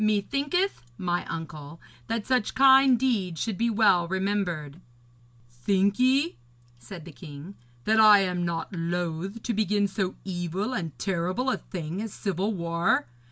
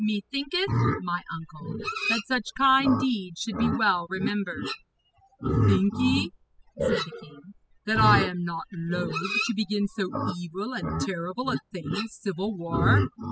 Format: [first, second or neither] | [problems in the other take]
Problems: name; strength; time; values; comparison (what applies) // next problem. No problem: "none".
first | noise reduction (classical method spectral subtraction)